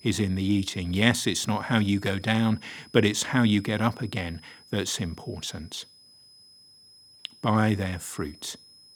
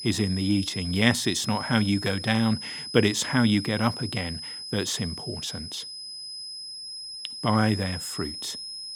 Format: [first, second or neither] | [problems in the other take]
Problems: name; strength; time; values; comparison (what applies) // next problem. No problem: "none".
first | high-pitched whine; loud; throughout; 5 kHz, 8 dB below the speech; faint in the first